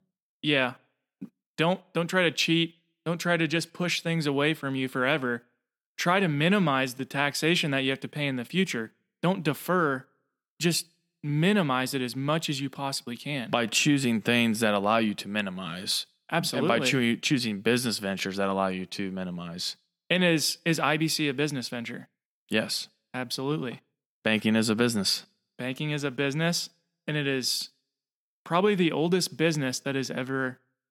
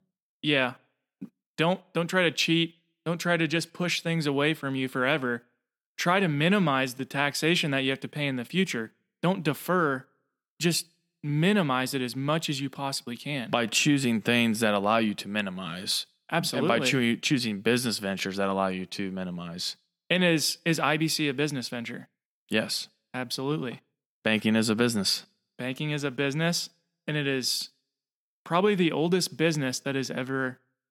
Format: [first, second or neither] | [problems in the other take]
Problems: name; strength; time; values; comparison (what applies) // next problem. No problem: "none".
neither | none